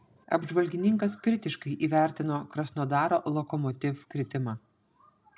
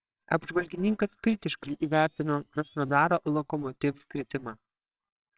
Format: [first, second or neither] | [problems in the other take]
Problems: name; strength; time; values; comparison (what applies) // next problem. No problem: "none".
first | noise reduction (neural separator model SepFormer WHAMR!)